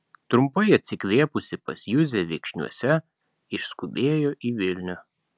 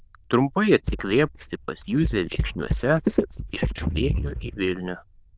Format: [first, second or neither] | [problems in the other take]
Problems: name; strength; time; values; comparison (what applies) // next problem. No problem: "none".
first | noise reduction (neural diffusion model UNIVERSE++)